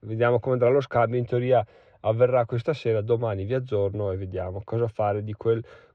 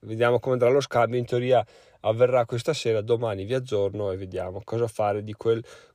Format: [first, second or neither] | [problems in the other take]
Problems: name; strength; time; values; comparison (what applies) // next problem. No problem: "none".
second | muffled; slightly; fading above 2.5 kHz